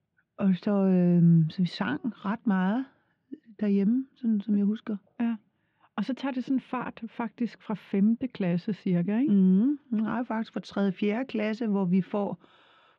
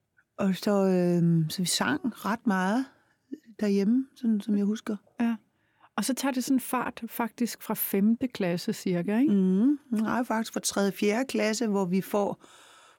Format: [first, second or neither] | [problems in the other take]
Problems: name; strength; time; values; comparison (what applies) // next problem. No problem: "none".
second | muffled; slightly; fading above 3.5 kHz